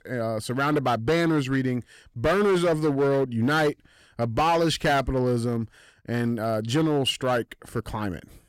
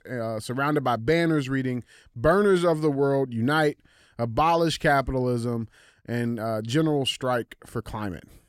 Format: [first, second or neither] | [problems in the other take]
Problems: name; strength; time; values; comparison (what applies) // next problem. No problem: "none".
second | distortion; slight; 10% of the sound clipped